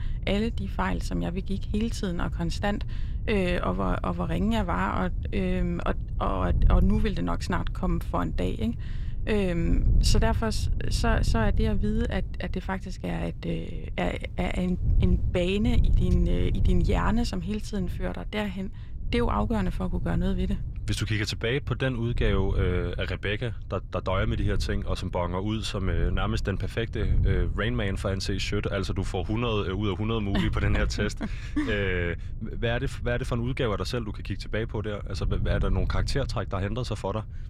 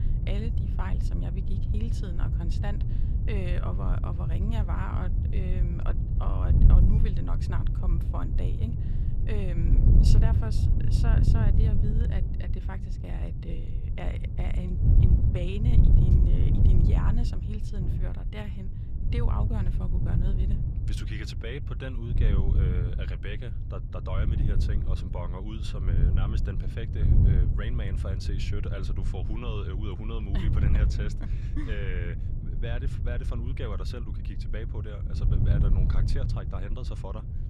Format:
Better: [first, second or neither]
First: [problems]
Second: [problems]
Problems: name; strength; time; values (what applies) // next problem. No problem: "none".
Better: first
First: wind noise on the microphone; occasional gusts; 15 dB below the speech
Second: wind noise on the microphone; heavy; 1 dB below the speech